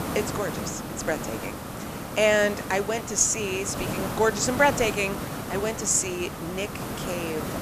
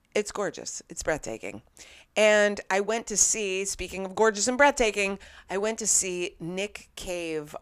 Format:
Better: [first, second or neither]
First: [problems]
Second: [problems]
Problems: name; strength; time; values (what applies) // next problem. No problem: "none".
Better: second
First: hiss; loud; throughout; 7 dB below the speech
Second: none